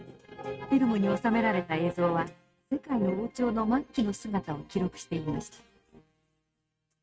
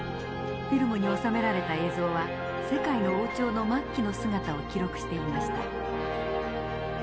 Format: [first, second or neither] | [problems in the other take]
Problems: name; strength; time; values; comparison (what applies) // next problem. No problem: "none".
second | noise reduction (neural mask model RNNoise)